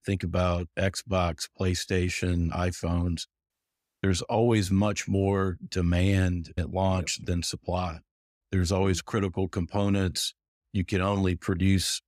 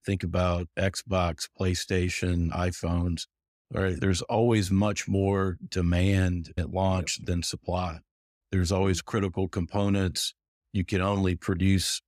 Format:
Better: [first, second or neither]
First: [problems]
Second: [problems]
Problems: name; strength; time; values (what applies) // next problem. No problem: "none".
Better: second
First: audio cutting out; at 3.5 s for 0.5 s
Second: none